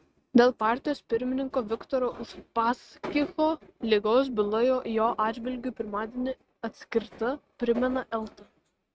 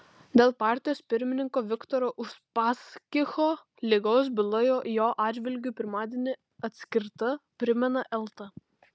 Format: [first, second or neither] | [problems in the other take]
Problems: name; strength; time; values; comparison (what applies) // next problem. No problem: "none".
second | noise reduction (neural mask model RNNoise)